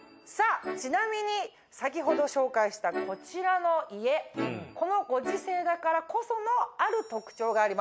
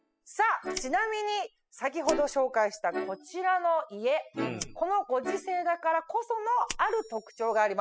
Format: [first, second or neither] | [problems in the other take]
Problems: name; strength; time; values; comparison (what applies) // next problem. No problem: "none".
first | noise reduction (classical method spectral subtraction)